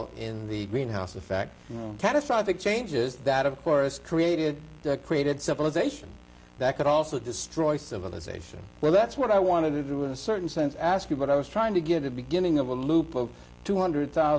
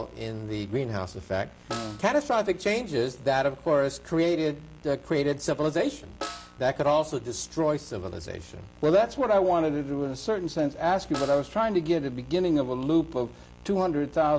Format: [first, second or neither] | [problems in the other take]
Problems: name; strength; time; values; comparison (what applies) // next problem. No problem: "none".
first | background sound (Snare drum); 16 dB below the speech